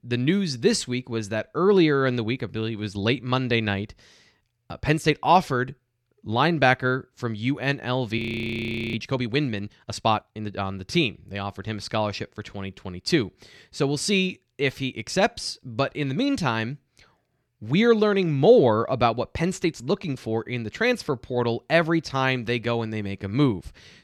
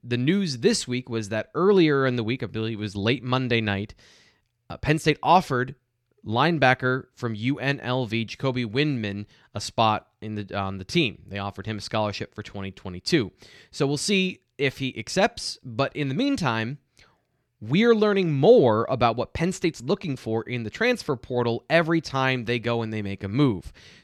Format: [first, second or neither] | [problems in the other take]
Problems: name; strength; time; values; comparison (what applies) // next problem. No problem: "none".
second | audio freezing; at 8 s for 1 s